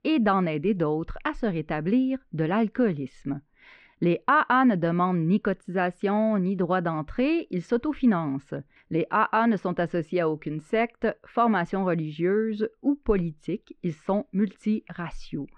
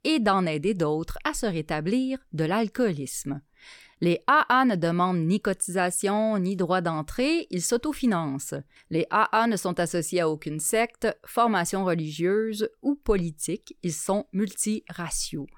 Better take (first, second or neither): second